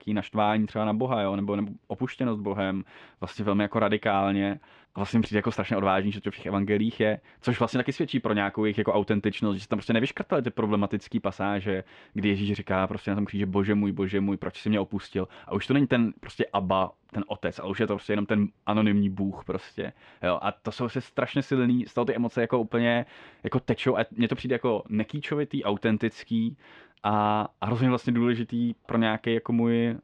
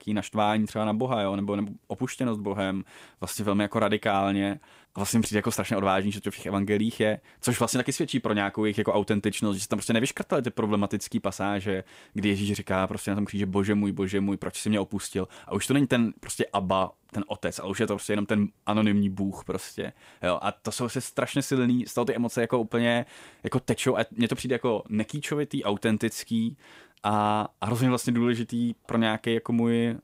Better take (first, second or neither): second